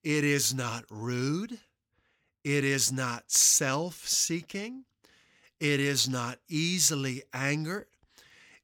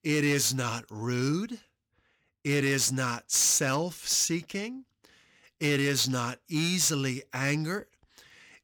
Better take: first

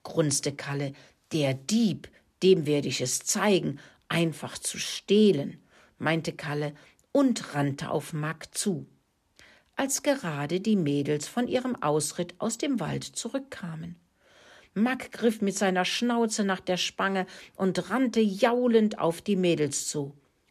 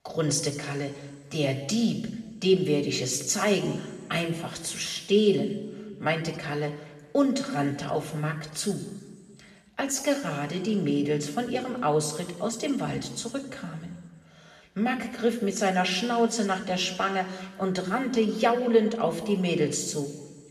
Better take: first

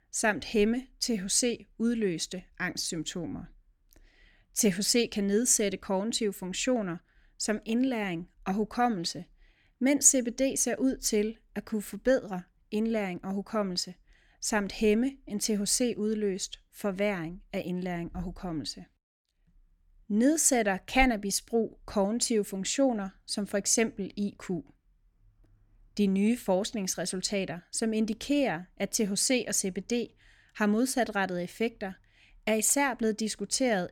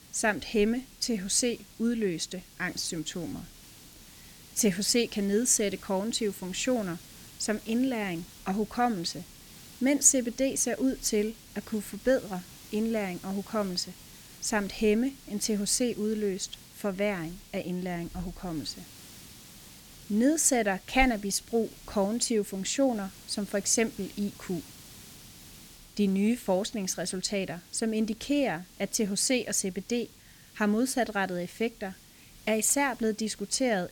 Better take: first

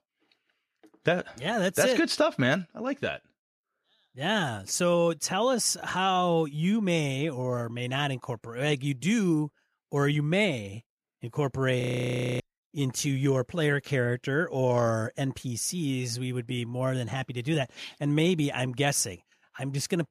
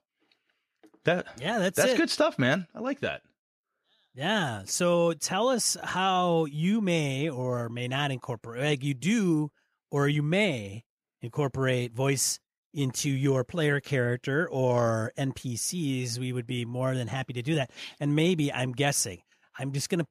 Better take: second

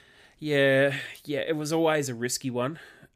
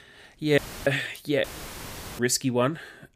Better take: first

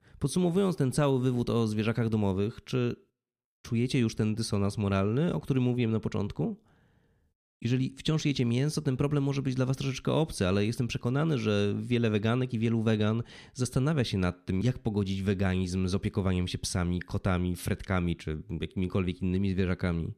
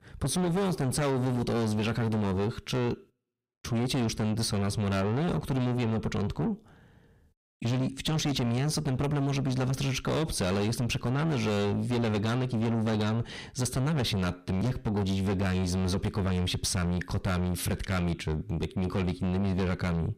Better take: first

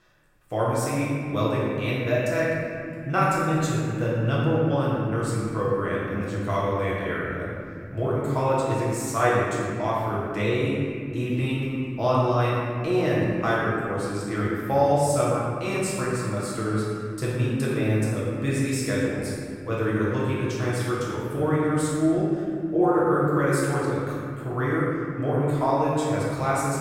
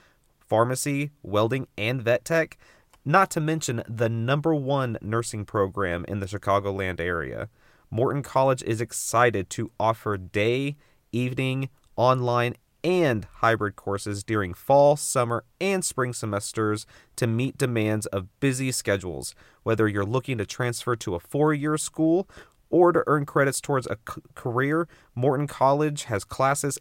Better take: second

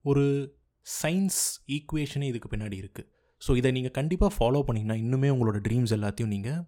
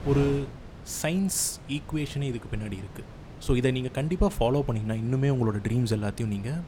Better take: first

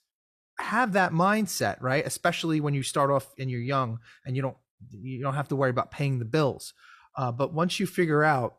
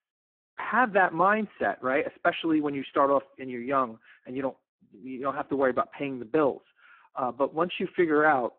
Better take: first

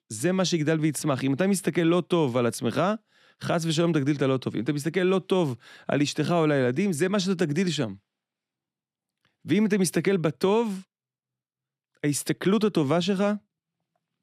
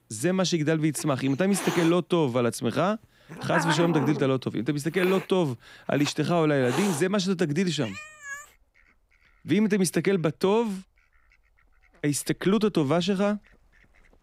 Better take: first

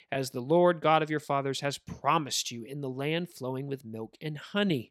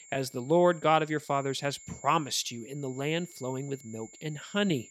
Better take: first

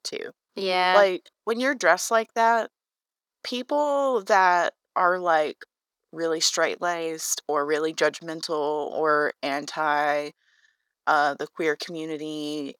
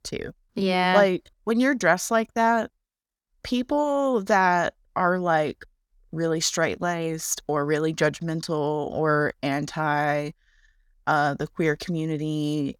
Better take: second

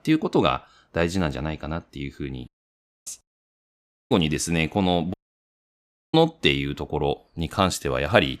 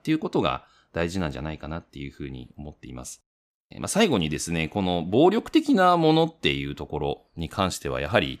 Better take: second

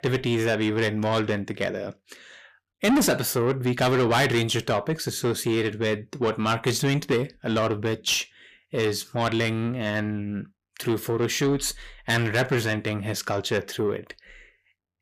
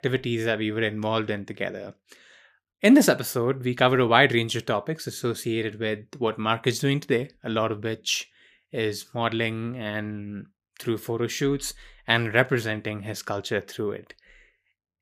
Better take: second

